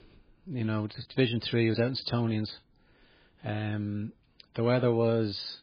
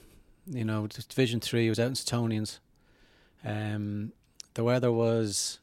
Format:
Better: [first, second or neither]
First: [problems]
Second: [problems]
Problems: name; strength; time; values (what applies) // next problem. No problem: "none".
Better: second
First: garbled, watery; badly; nothing above 4 kHz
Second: none